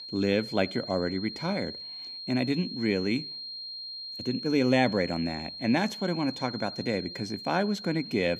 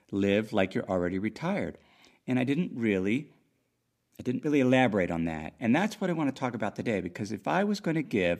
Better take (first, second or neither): second